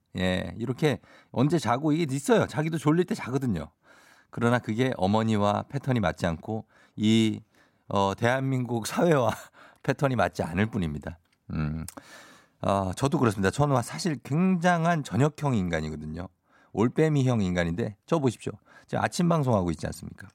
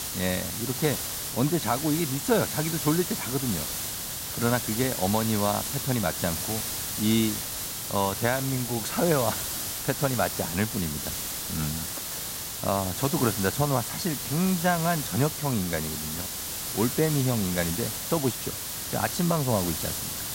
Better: first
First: none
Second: hiss; loud; throughout; 2 dB below the speech

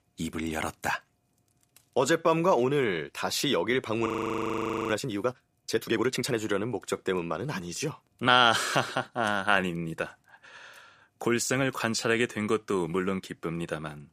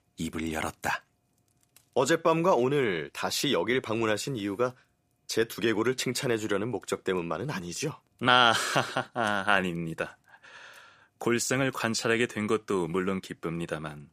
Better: second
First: audio freezing; at 4 s for 1 s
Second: none

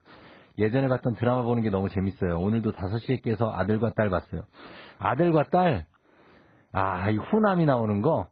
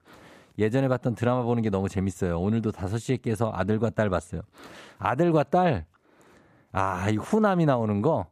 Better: second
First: garbled, watery; badly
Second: none

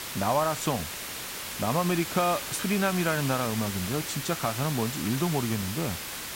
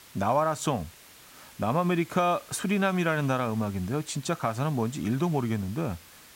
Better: second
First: hiss; loud; throughout; 5 dB below the speech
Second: hiss; faint; throughout; 20 dB below the speech

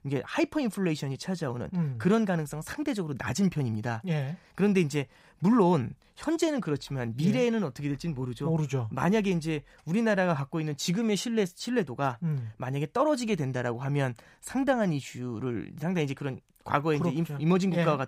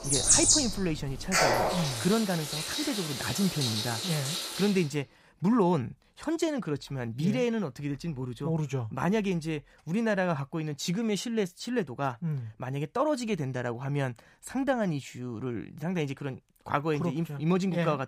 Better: first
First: none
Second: animal sounds; very loud; until 4.5 s; 4 dB above the speech

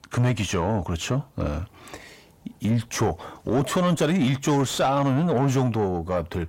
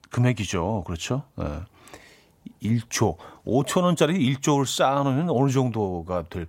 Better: second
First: distortion; slight; 10 dB below the speech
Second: none

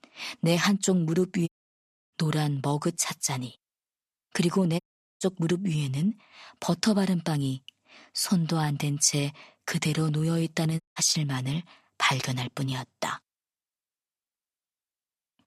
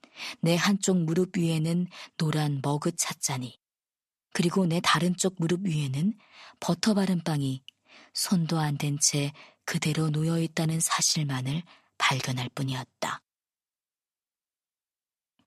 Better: second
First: audio cutting out; at 1.5 s for 0.5 s, at 5 s and at 11 s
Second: none

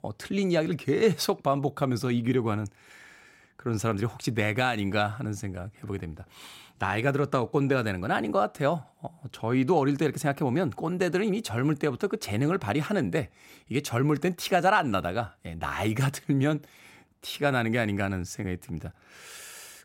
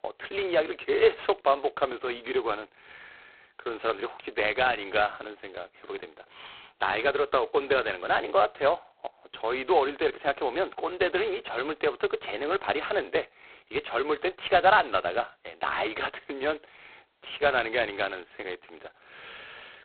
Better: first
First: none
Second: phone-call audio; poor line; nothing above 4 kHz

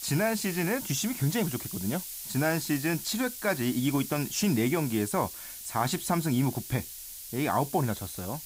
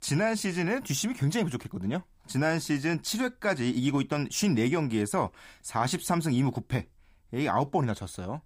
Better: second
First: hiss; loud; throughout; 8 dB below the speech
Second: none

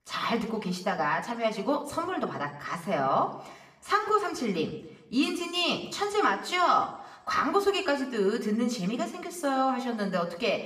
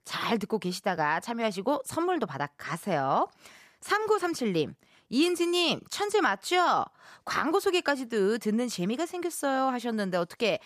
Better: second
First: room echo; slight; dies away in 0.7 s // off-mic speech; somewhat distant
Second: none

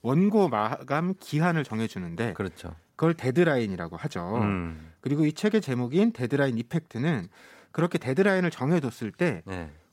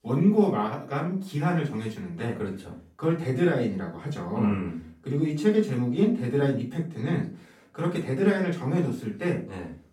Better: first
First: none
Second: room echo; slight; dies away in 0.4 s // off-mic speech; far

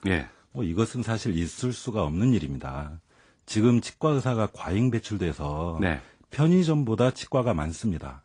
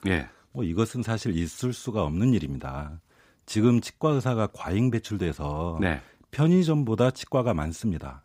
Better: second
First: garbled, watery; slightly; nothing above 10 kHz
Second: none

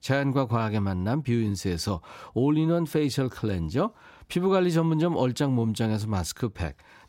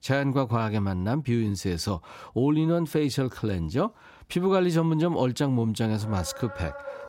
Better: first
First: none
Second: dog barking; faint; from 6 s on; peak 10 dB below the speech

